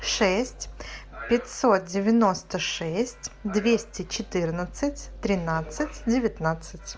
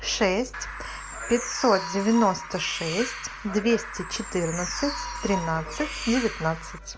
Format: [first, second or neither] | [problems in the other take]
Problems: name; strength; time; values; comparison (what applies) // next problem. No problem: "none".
first | background sound (Bird); 8 dB below the speech